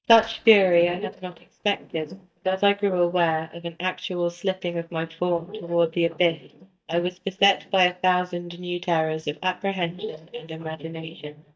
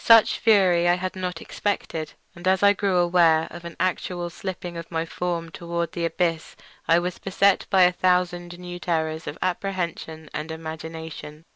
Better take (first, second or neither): second